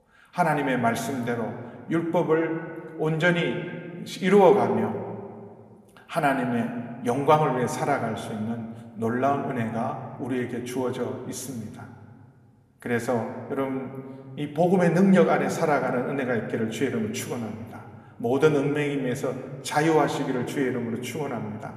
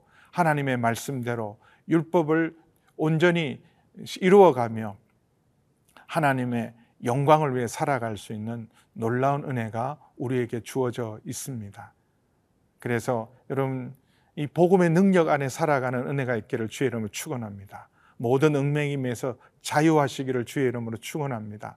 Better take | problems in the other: second | room echo; slight; dies away in 1.4 s

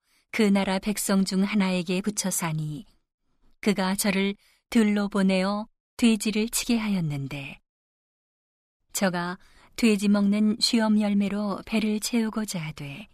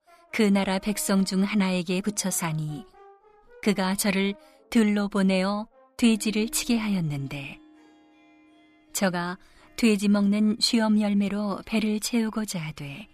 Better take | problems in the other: first | background music; faint; throughout; 30 dB below the speech

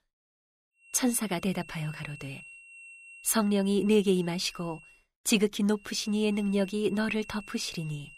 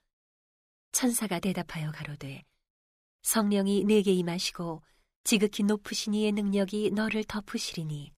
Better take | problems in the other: second | high-pitched whine; noticeable; from 1 to 5 s and from 6 s on; 2.5 kHz, 20 dB below the speech

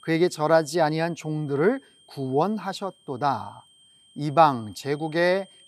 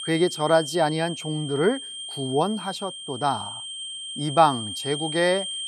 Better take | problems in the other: first | high-pitched whine; loud; throughout; 3 kHz, 8 dB below the speech; faint in the first

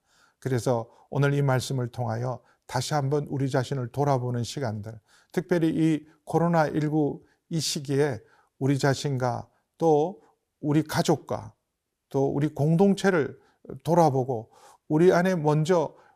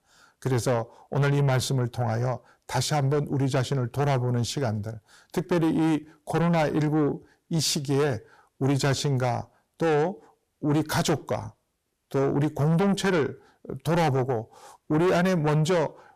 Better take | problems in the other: first | distortion; heavy; 7 dB below the speech

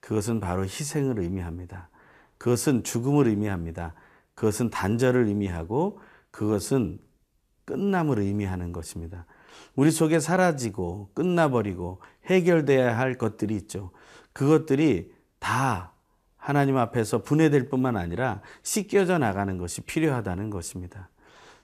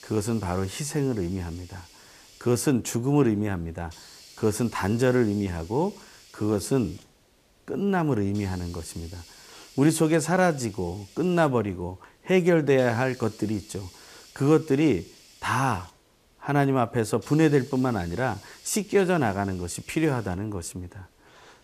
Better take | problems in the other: first | hiss; faint; throughout; 25 dB below the speech

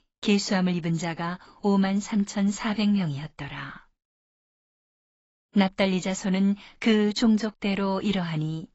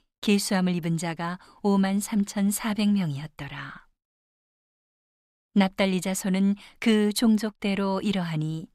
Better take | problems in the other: second | garbled, watery; badly; nothing above 7.5 kHz

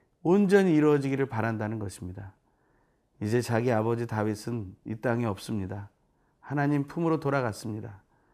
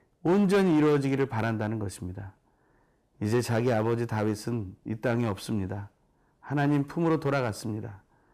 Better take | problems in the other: first | distortion; slight; 5% of the sound clipped

